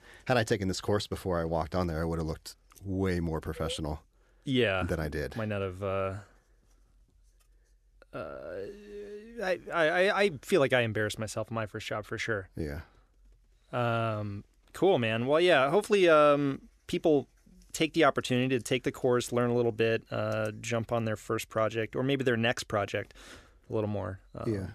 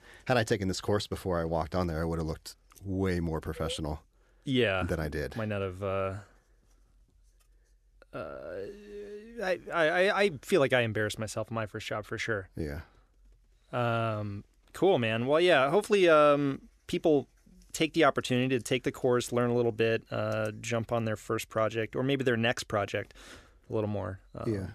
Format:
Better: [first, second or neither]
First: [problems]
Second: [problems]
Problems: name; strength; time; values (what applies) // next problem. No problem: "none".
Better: neither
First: none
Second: none